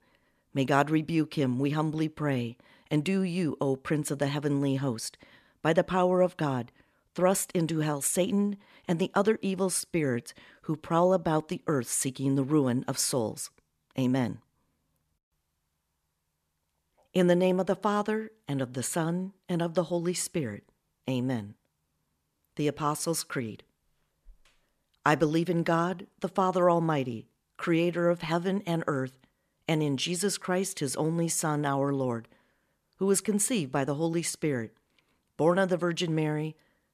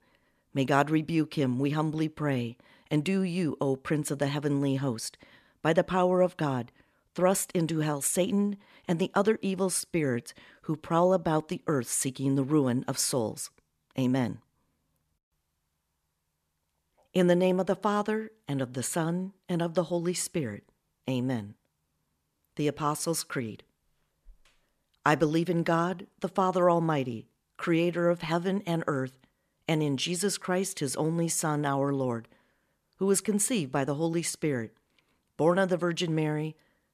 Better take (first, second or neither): neither